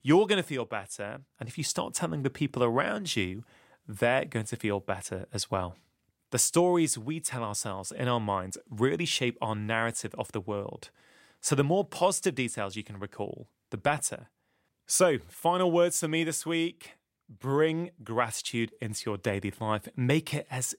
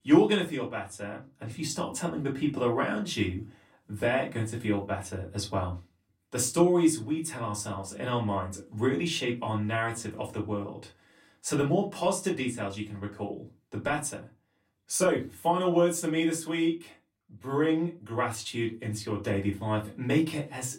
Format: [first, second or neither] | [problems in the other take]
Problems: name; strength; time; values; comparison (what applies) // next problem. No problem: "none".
first | off-mic speech; far // room echo; very slight; dies away in 0.2 s